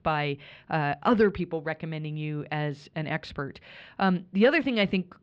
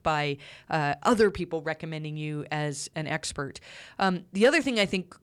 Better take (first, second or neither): second